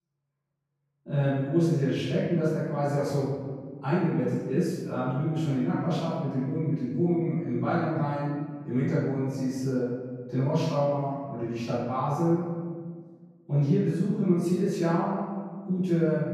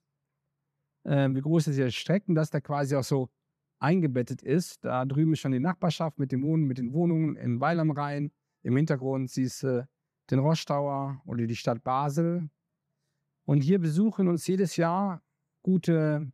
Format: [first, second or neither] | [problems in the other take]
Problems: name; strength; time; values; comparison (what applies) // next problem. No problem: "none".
second | off-mic speech; far // room echo; strong; dies away in 1.6 s